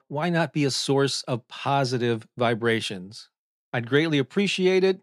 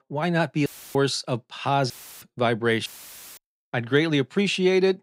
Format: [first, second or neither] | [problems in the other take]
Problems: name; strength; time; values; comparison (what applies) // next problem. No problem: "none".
first | audio cutting out; filled with static; at 0.5 s, at 2 s and at 3 s for 0.5 s